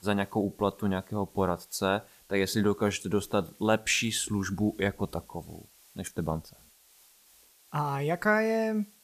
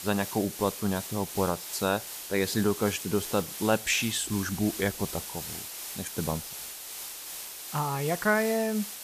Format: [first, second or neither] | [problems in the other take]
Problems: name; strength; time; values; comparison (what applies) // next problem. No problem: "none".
first | hiss; loud; throughout; 7 dB below the speech; faint in the first